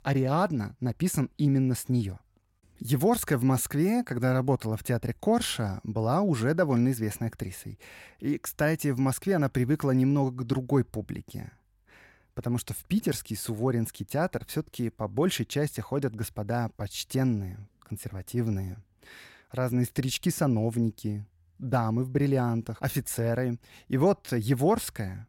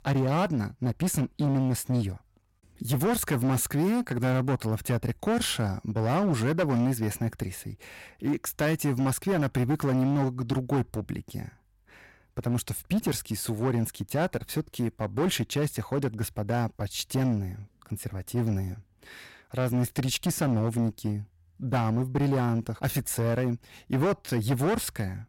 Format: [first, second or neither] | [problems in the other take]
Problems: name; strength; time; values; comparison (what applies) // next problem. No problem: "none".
first | distortion; slight; 11% of the sound clipped